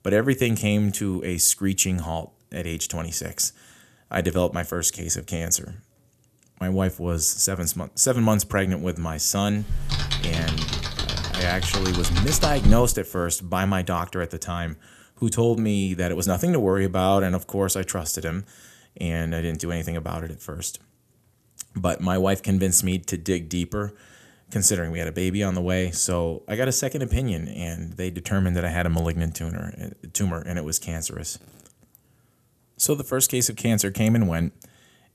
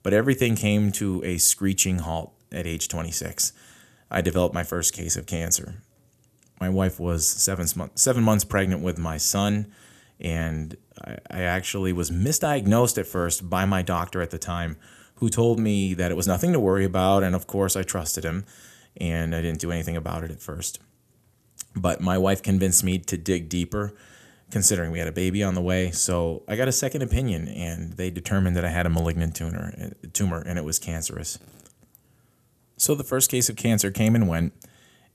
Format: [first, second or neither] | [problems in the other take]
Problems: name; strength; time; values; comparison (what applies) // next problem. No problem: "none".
second | keyboard typing; loud; from 9.5 to 13 s; peak 1 dB above the speech